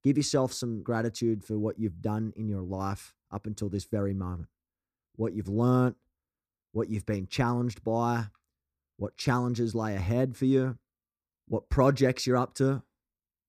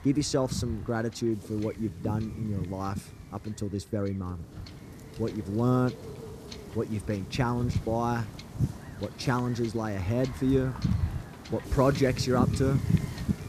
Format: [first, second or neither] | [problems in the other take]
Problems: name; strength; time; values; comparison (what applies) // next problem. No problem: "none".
first | wind noise on the microphone; occasional gusts; 10 dB below the speech